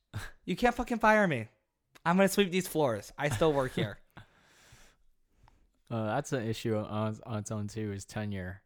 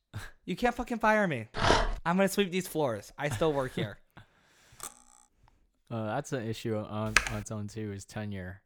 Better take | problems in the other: first | dog barking; loud; at 1.5 s; peak 6 dB above the speech // clattering dishes; faint; at 5 s; peak 10 dB below the speech // keyboard typing; loud; at 7 s; peak 4 dB above the speech

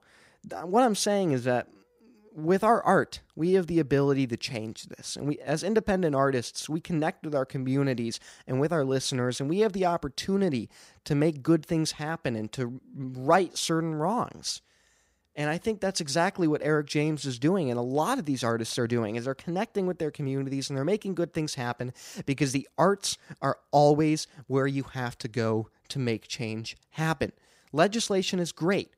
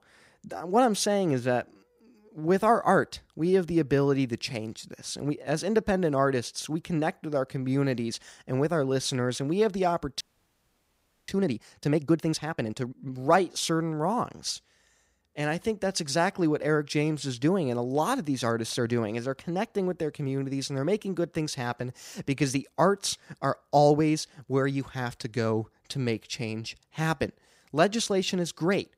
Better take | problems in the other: first | audio freezing; at 10 s for 1 s

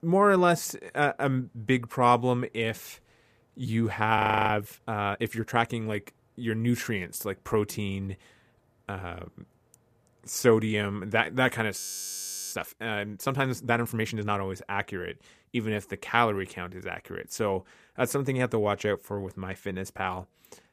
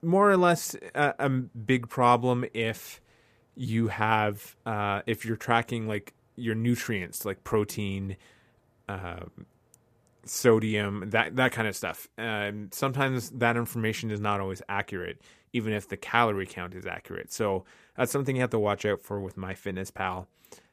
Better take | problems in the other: second | audio freezing; at 4 s and at 12 s for 0.5 s

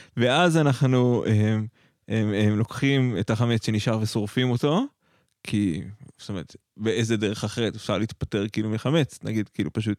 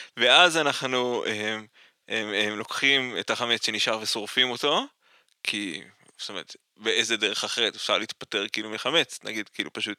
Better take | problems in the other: first | thin; very; fading below 550 Hz

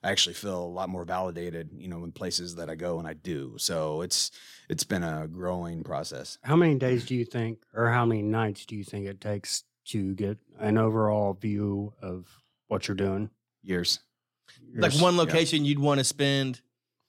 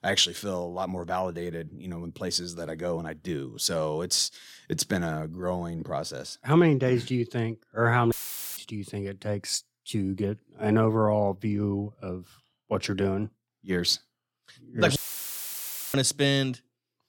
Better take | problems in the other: first | audio cutting out; filled with static; at 8 s and at 15 s for 1 s

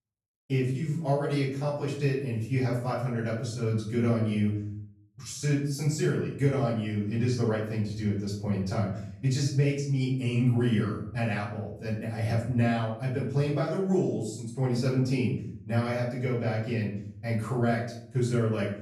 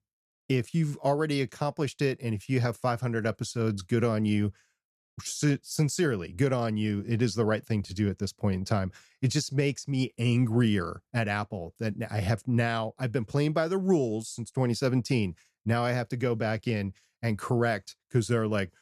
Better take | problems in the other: second | room echo; noticeable; dies away in 0.6 s // off-mic speech; far

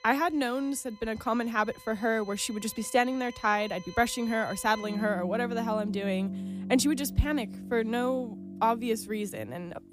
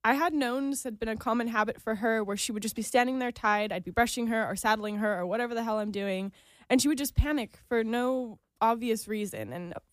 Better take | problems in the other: second | background music; noticeable; throughout; 10 dB below the speech

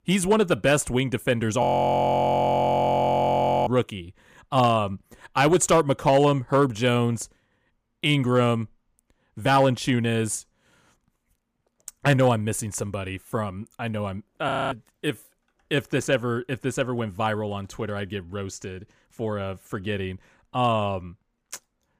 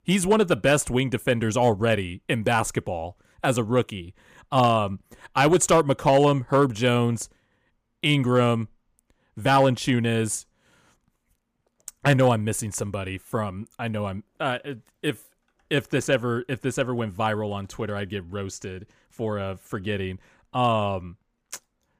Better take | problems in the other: second | audio freezing; at 1.5 s for 2 s and at 14 s

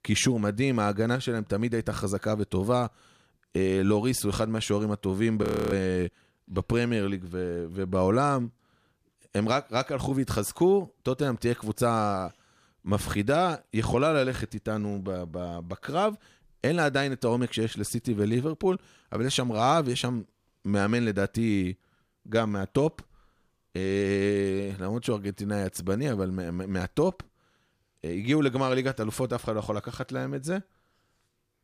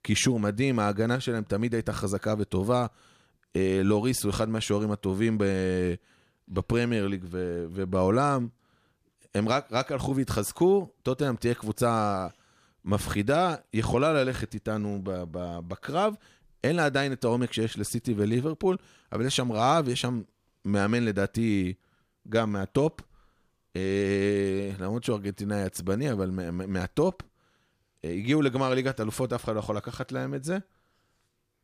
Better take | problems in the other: second | audio freezing; at 5.5 s

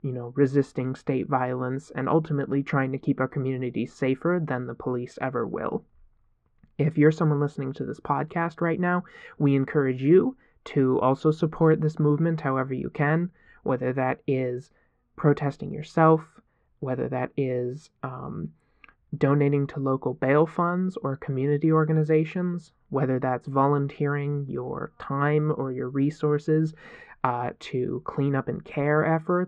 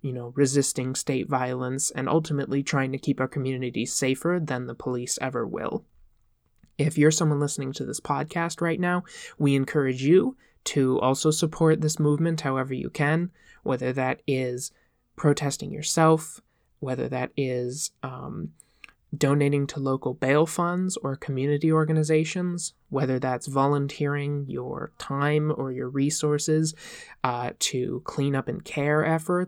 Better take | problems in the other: second | muffled; very; fading above 1.5 kHz

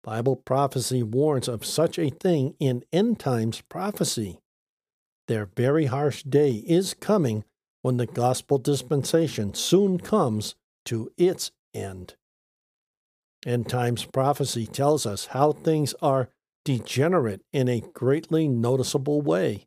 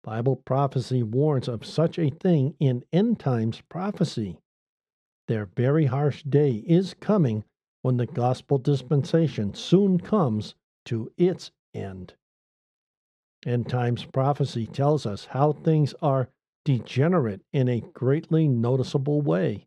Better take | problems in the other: first | muffled; slightly; fading above 3.5 kHz

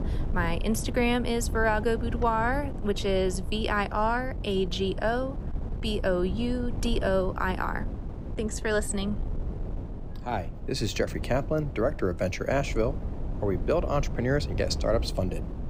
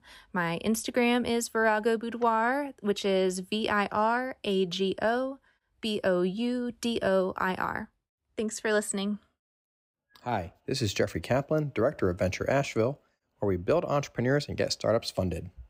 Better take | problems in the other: second | wind noise on the microphone; occasional gusts; 15 dB below the speech

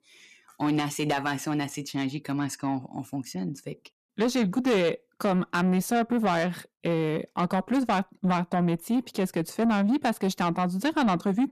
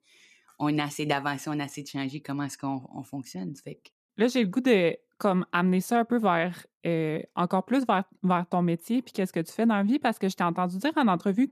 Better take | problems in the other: second | distortion; slight; 10 dB below the speech

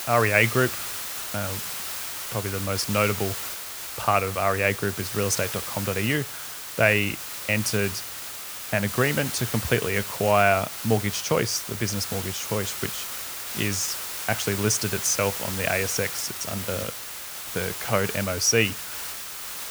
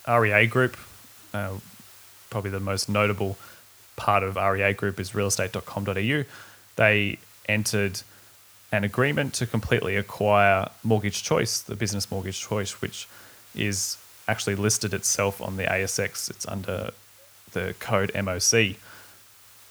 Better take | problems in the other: second | hiss; loud; throughout; 6 dB below the speech; faint in the second

